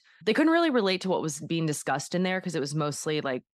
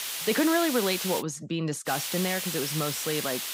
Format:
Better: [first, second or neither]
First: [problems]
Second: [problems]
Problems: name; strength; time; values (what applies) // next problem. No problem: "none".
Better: first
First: none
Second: hiss; loud; until 1 s and from 2 s on; 2 dB below the speech